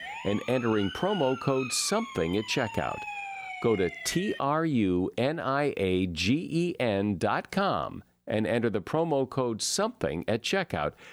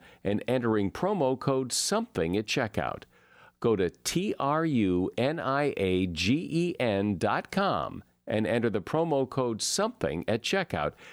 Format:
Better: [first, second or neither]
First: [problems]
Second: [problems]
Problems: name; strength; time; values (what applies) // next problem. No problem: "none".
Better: second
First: siren; noticeable; until 4.5 s; peak 7 dB below the speech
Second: none